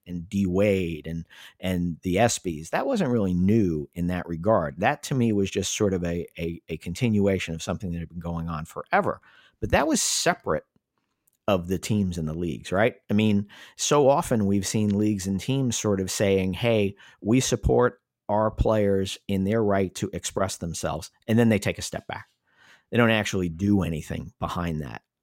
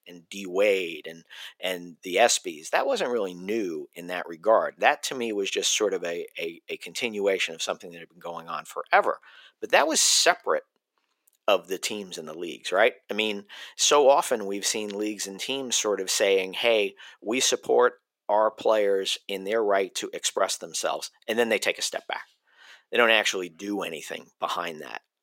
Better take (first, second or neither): first